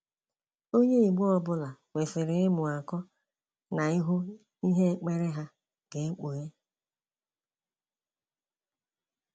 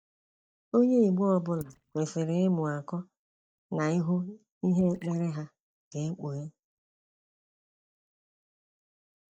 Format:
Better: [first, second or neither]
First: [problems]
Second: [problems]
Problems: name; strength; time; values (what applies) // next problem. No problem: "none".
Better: first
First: none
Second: noise reduction (neural mask model DeepFilterNet 3)